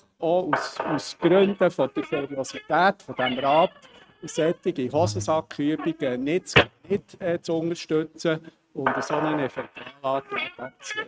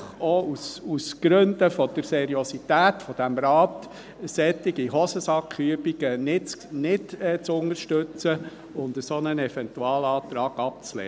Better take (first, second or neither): second